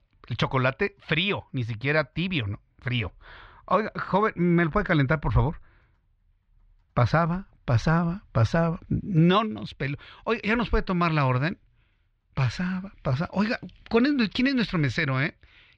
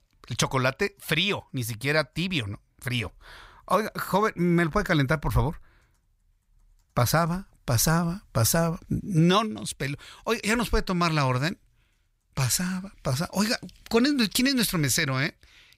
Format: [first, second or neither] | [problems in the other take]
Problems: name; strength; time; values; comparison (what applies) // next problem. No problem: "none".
second | muffled; slightly; fading above 3.5 kHz